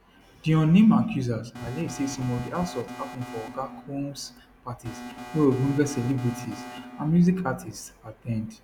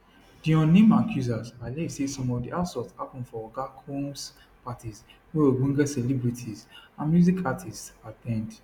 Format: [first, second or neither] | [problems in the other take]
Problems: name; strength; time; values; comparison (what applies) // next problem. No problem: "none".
second | background sound (Alarm); 15 dB below the speech